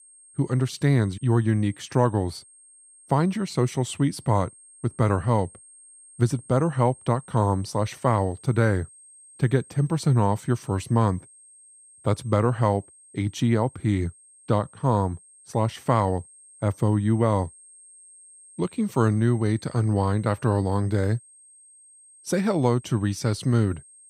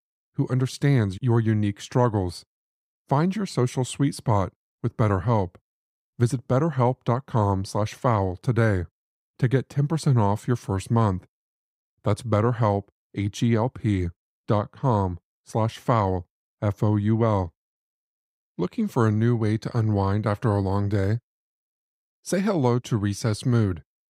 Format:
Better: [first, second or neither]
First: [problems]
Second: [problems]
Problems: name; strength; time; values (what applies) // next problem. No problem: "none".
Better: second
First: high-pitched whine; faint; throughout; 8.5 kHz, 25 dB below the speech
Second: none